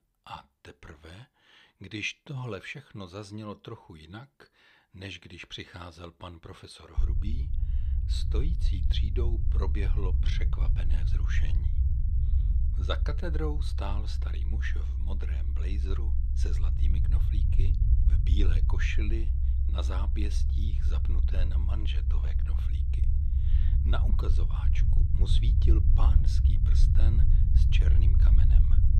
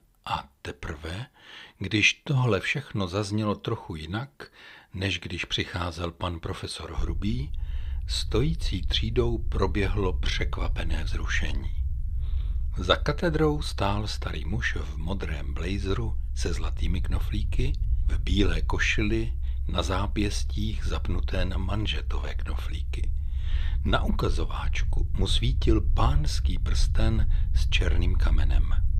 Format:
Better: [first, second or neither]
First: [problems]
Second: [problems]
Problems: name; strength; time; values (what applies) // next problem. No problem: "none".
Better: second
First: low rumble; loud; from 7 s on; 5 dB below the speech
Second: low rumble; faint; from 7 s on; 20 dB below the speech